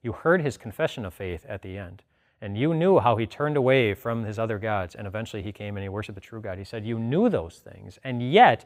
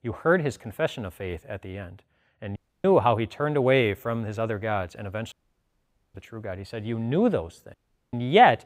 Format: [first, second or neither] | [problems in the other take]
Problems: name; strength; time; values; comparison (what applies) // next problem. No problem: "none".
first | audio cutting out; at 2.5 s, at 5.5 s for 1 s and at 7.5 s